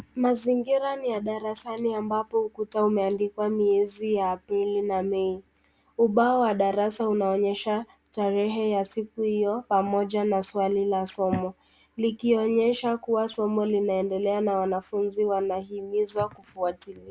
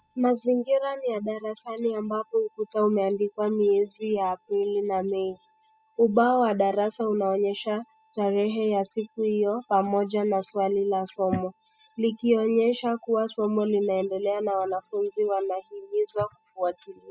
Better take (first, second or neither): first